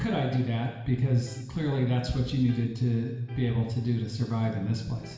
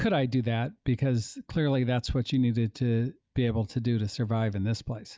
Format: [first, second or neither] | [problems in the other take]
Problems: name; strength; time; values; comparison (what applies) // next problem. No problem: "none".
second | background sound (Electric guitar); 13 dB below the speech // room echo; dies away in 1 s